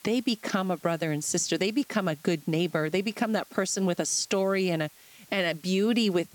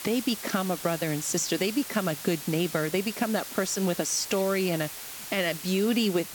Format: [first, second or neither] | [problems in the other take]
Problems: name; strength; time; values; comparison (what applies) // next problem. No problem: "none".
first | hiss; loud; throughout; 9 dB below the speech; faint in the first